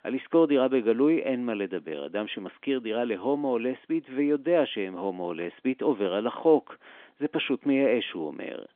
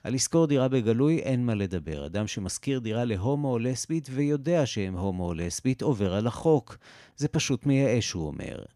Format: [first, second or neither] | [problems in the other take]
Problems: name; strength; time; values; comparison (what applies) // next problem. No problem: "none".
second | phone-call audio; nothing above 3.5 kHz